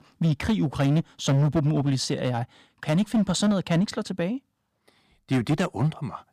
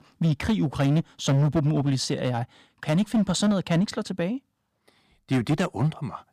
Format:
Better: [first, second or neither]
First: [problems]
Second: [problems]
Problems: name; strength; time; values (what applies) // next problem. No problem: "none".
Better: neither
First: distortion; slight; 9% of the sound clipped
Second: distortion; slight; 9% of the sound clipped